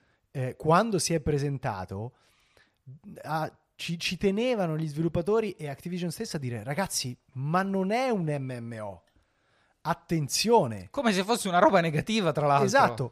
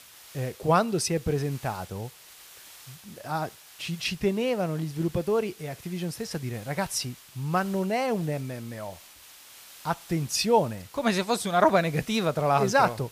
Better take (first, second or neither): first